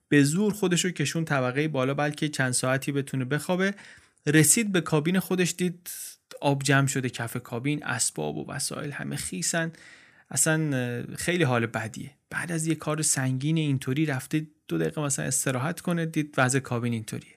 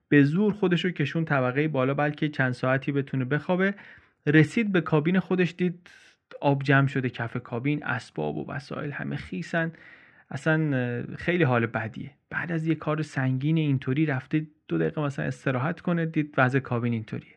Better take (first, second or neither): first